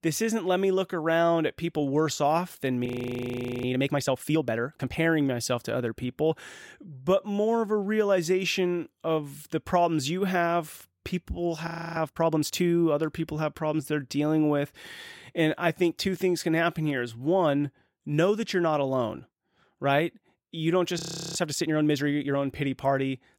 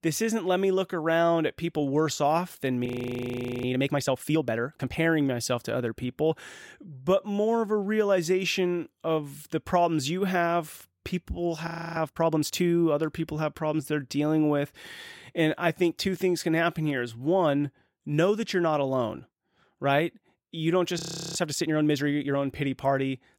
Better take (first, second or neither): neither